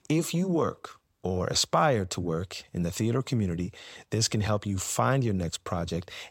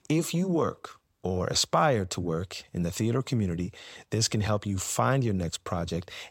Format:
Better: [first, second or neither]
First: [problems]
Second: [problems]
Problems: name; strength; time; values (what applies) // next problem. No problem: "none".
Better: neither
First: none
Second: none